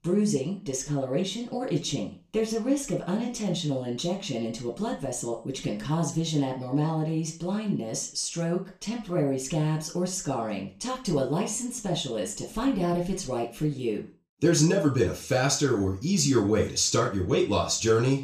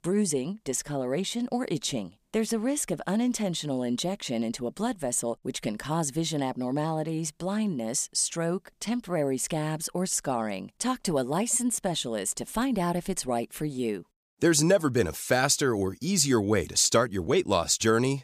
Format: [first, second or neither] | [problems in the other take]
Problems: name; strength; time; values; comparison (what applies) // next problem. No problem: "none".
second | room echo; slight; dies away in 0.3 s // off-mic speech; far